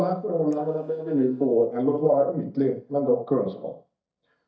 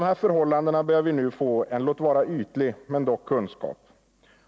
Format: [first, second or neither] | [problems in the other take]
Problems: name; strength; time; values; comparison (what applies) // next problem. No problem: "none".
second | noise reduction (neural mask model DeepFilterNet 3)